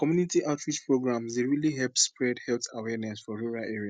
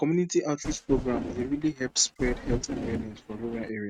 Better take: first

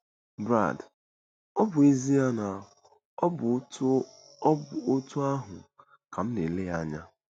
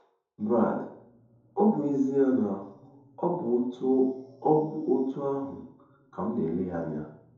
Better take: first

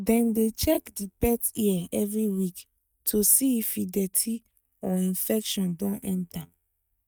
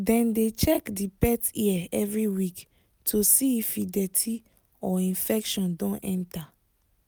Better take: second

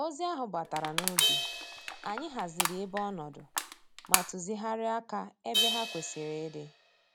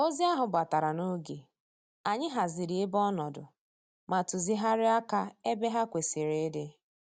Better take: second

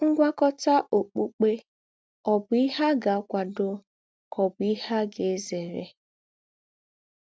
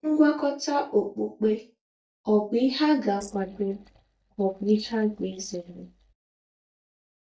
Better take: first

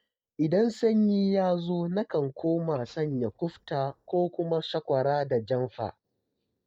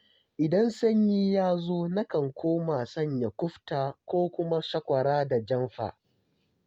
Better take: second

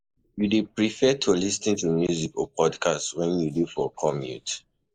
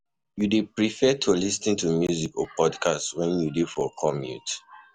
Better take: second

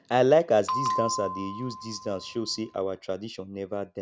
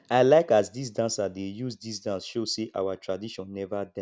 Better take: second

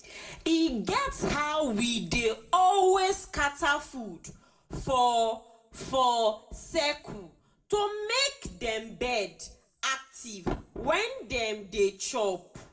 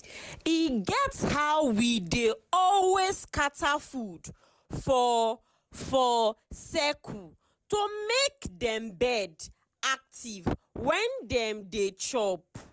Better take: second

